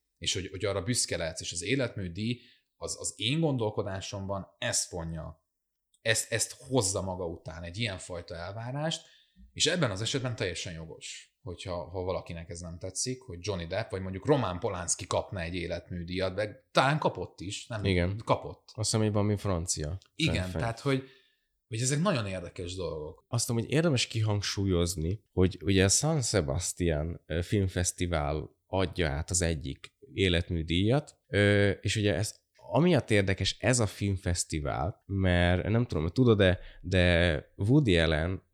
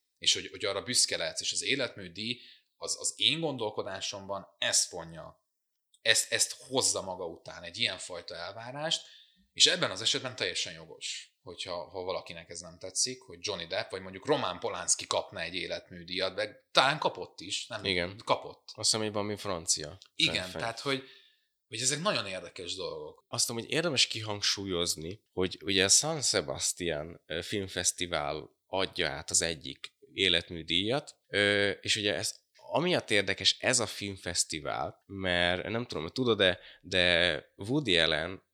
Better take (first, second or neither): first